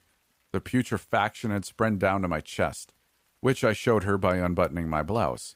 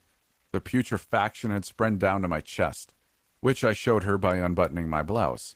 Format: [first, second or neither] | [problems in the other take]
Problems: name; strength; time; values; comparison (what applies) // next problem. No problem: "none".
first | garbled, watery; slightly; nothing above 15.5 kHz